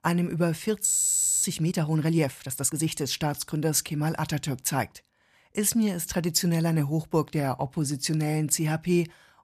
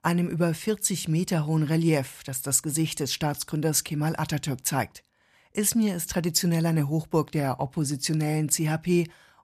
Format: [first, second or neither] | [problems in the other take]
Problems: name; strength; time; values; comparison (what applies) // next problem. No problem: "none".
second | audio freezing; at 1 s for 0.5 s